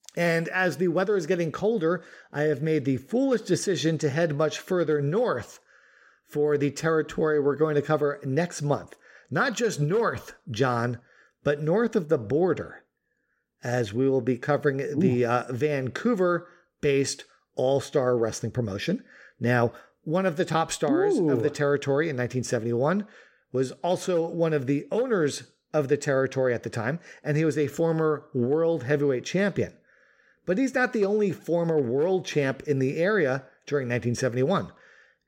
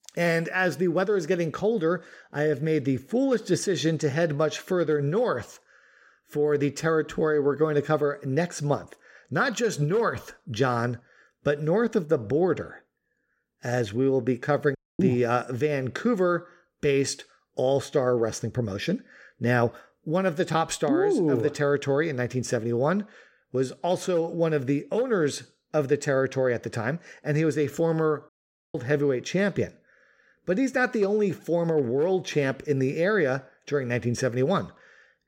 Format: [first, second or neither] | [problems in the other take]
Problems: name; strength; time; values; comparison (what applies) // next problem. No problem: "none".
first | audio cutting out; at 15 s and at 28 s